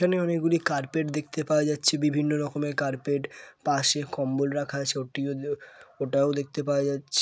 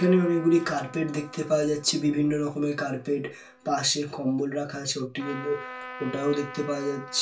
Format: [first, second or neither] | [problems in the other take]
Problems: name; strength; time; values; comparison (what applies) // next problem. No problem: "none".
first | background sound (Trumpet); 17 dB below the speech // room echo; dies away in 0.2 s